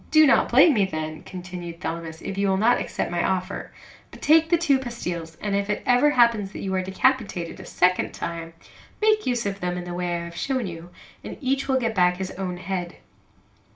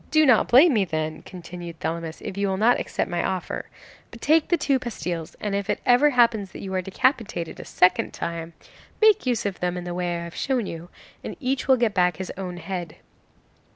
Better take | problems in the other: second | room echo; dies away in 0.3 s

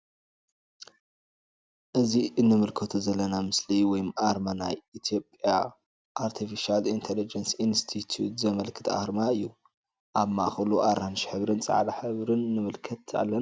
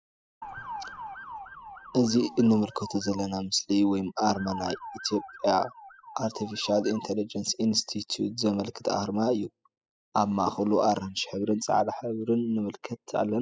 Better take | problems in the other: first | noise reduction (classical method spectral subtraction)

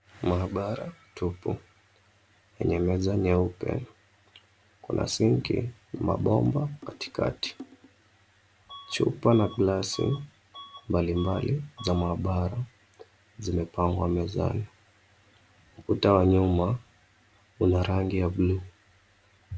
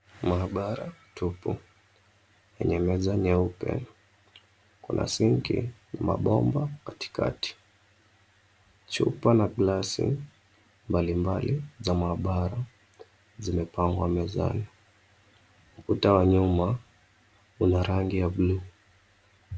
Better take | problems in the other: second | background sound (Bus / Alarm + Drum); 20 dB below the speech

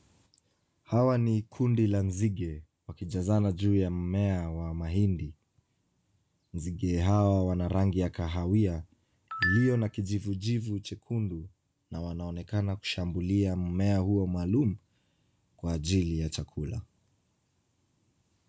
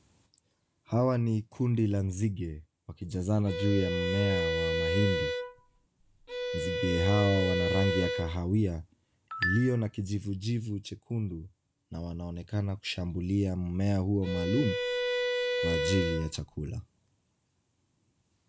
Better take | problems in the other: first | background sound (Bowed string instrument); 1 dB below the speech

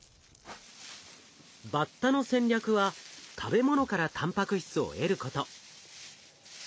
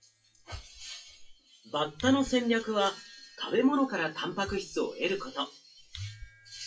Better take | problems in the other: first | noise reduction (classical method WPE with log-MMSE)

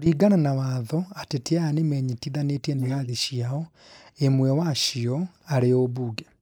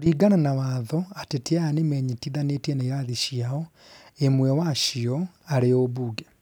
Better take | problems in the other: second | noise reduction (neural mask model Resemble Enhance denoiser)

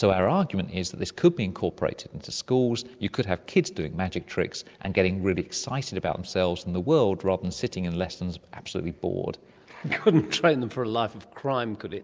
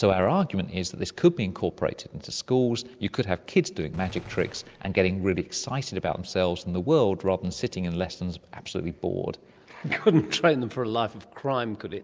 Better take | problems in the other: first | background sound (Gunshot, gunfire); 19 dB below the speech

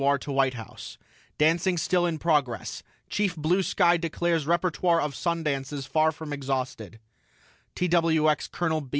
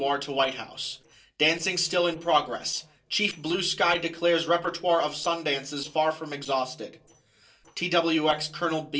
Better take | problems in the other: first | noise reduction (neural separator model SepFormer DNS4)

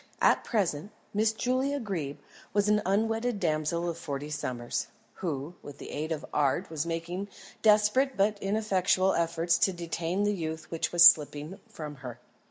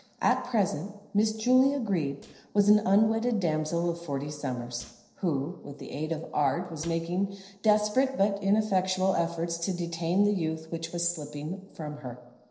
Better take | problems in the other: first | noise reduction (neural separator model SepFormer DNS4)

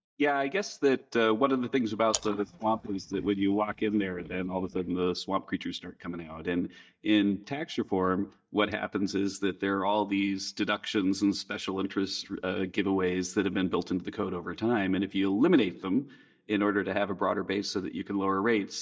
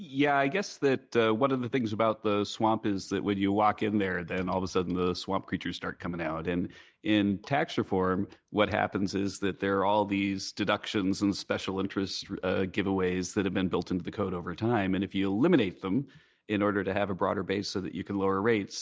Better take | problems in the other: second | noise reduction (neural mask model DeepFilterNet 3)

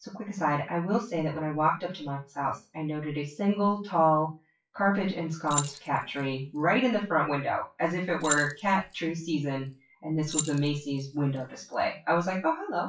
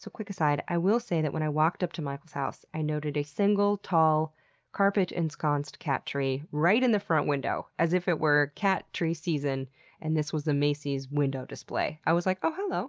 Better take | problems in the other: second | noise reduction (classical method WPE with log-MMSE)

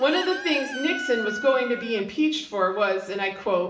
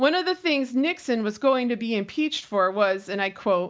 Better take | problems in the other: second | background sound (Chicken, rooster); 11 dB below the speech // room echo; dies away in 0.7 s

